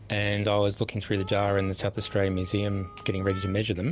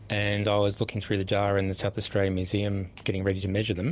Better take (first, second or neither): second